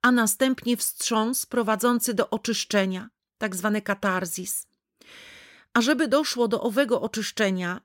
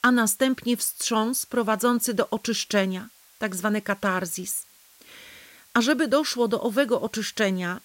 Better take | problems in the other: first | hiss; faint; throughout; 30 dB below the speech

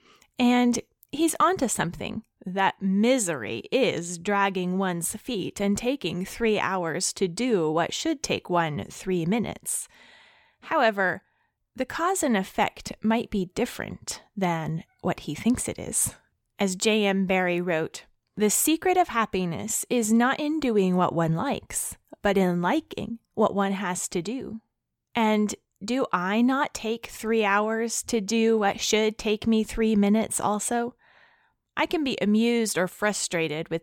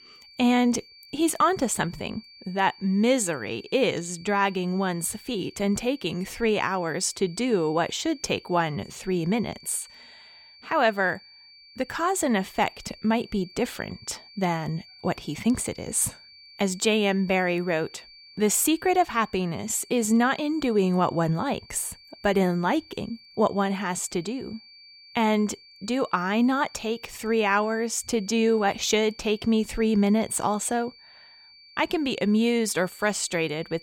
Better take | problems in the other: first | high-pitched whine; faint; throughout; 4.5 kHz, 20 dB below the speech

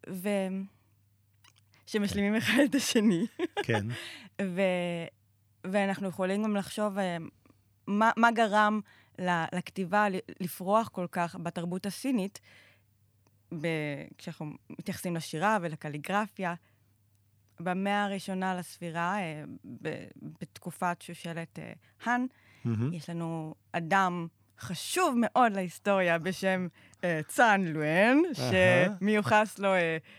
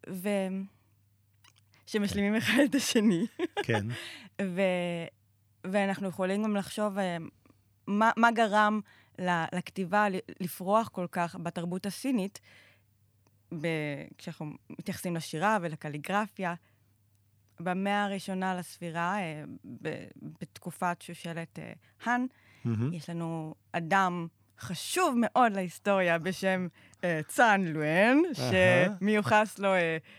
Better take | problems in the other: neither | none

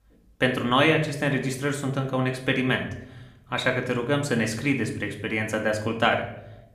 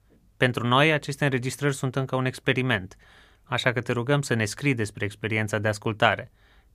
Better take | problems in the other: second | room echo; slight; dies away in 0.6 s

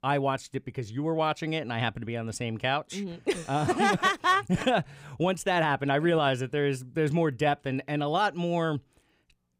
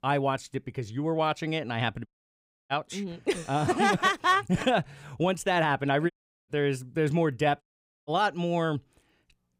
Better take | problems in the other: first | audio cutting out; at 2 s for 0.5 s, at 6 s and at 7.5 s

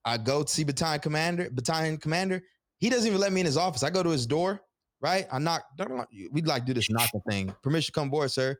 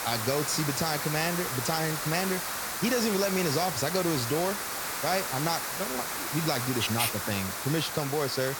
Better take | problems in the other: first | hiss; loud; throughout; 2 dB below the speech

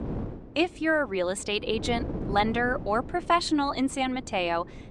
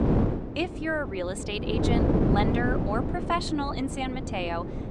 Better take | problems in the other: first | wind noise on the microphone; heavy; 3 dB below the speech; occasional gusts in the first

